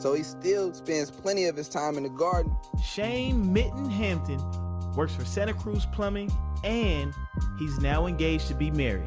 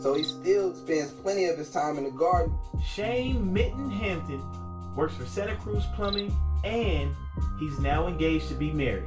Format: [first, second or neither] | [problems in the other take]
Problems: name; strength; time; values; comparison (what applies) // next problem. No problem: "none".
first | background sound (Cricket); 20 dB below the speech // room echo; dies away in 0.3 s